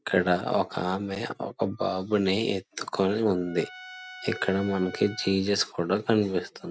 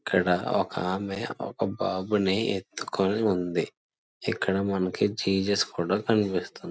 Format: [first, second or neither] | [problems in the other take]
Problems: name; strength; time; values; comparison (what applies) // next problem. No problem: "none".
second | background sound (Trumpet); 19 dB below the speech